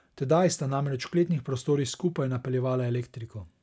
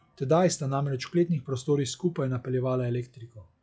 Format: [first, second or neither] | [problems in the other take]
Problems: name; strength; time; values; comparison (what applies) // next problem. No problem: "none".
first | noise reduction (classical method log-MMSE)